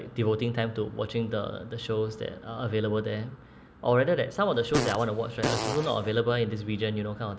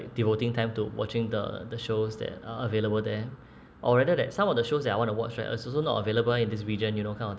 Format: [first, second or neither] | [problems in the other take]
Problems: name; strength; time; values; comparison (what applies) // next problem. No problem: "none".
second | background sound (Fart); 4 dB below the speech